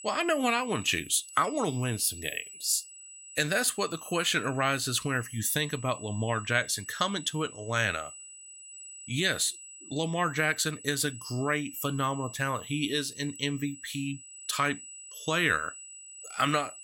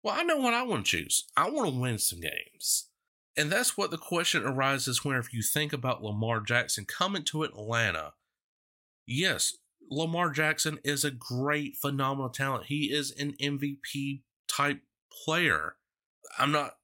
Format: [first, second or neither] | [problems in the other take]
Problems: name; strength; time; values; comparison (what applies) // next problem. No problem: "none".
second | high-pitched whine; noticeable; throughout; 8 kHz, 15 dB below the speech